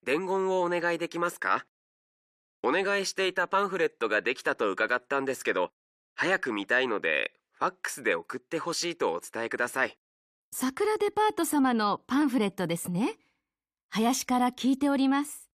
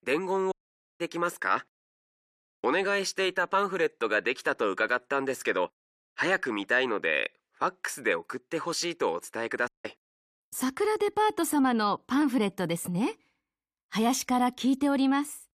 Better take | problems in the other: first | audio cutting out; at 0.5 s and at 9.5 s

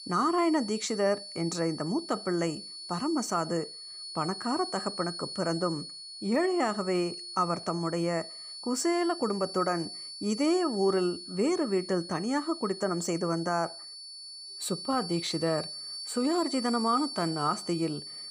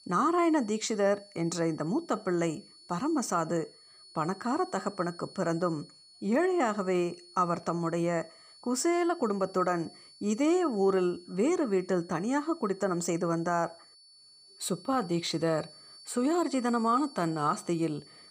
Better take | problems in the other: second | high-pitched whine; loud; throughout; 4.5 kHz, 9 dB below the speech; faint in the second

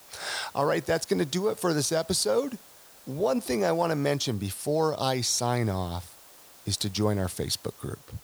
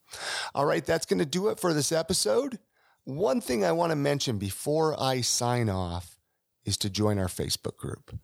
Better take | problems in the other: second | hiss; faint; throughout; 20 dB below the speech

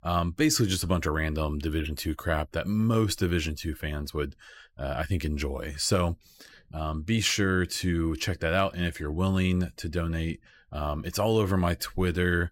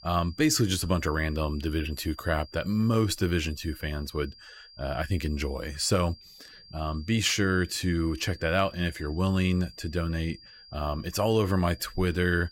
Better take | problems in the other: first | high-pitched whine; faint; throughout; 4.5 kHz, 20 dB below the speech

